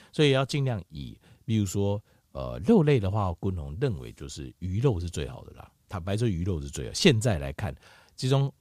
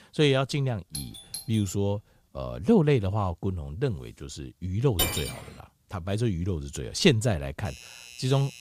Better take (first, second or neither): first